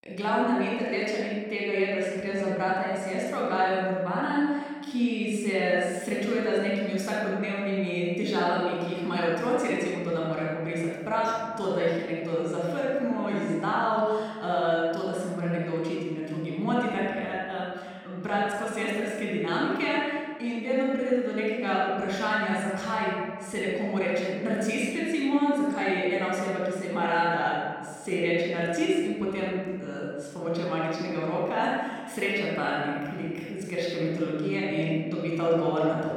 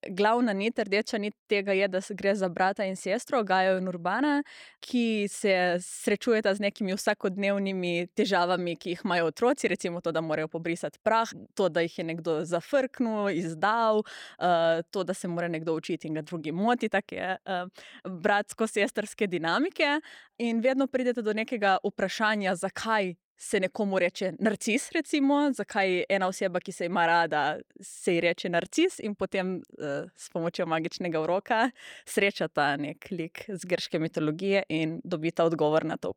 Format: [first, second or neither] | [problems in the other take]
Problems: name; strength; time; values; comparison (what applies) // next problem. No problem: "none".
second | off-mic speech; far // room echo; strong; dies away in 1.6 s